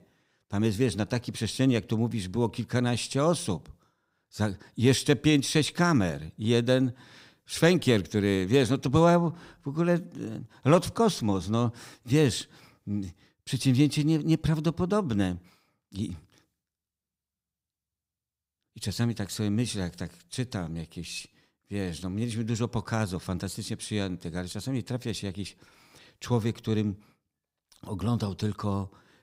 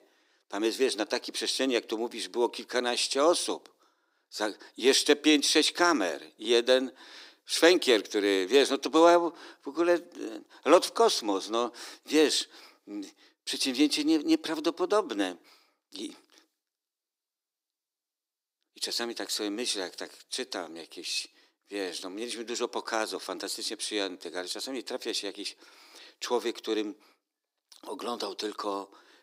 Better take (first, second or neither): first